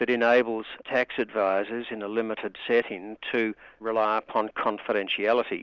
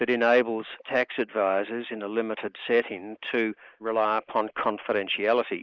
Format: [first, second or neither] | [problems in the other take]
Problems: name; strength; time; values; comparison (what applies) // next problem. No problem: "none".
first | noise reduction (neural mask model Resemble Enhance denoiser)